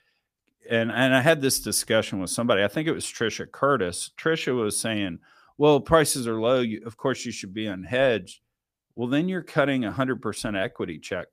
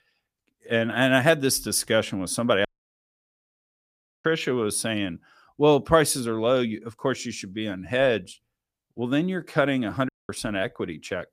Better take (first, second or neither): first